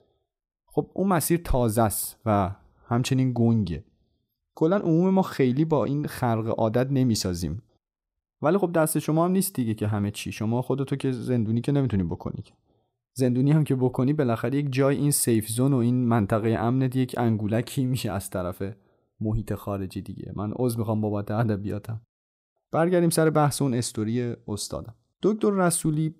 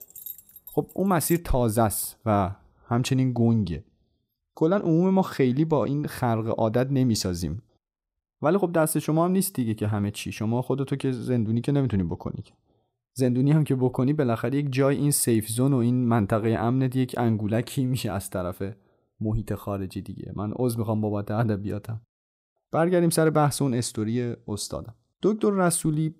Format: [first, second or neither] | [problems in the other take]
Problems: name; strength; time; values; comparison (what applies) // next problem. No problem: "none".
first | jangling keys; faint; until 1.5 s; peak 15 dB below the speech